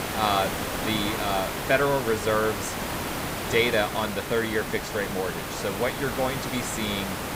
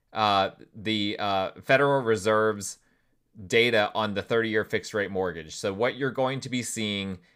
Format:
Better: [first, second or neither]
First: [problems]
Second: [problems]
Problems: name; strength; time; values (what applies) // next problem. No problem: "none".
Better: second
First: hiss; loud; throughout; 3 dB below the speech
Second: none